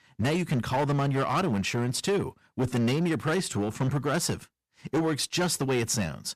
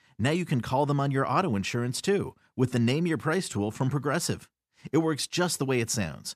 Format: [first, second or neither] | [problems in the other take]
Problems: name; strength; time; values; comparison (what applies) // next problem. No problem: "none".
second | distortion; slight; 13% of the sound clipped